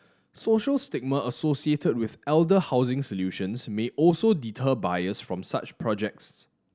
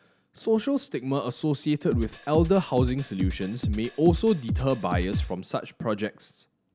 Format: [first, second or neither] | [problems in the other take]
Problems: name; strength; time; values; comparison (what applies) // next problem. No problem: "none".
first | background sound (Drum kit); 3 dB below the speech